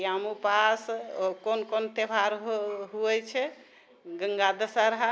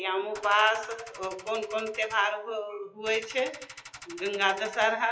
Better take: first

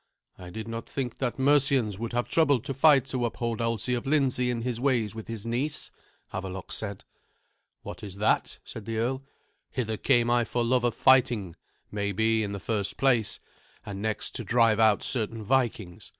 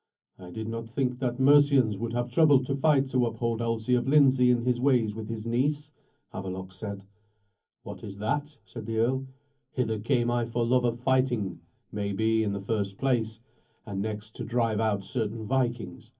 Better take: first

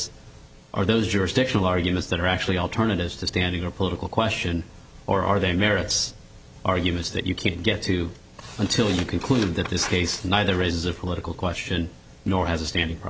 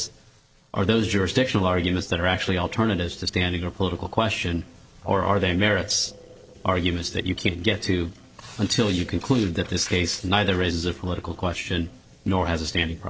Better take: first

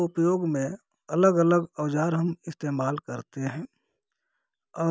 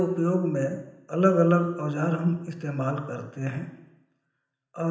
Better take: first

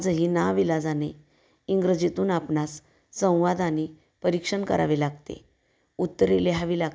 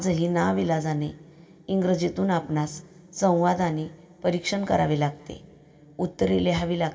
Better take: first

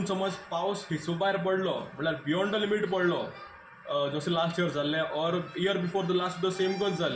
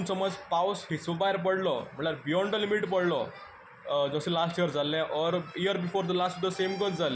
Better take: second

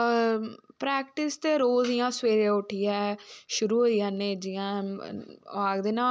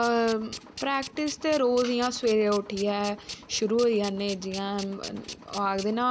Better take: first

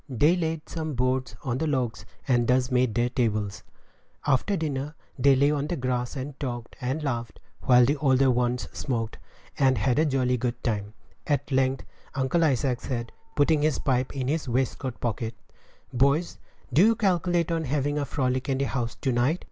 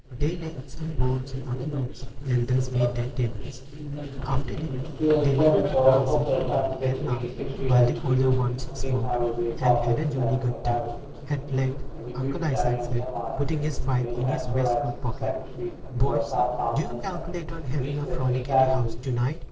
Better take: first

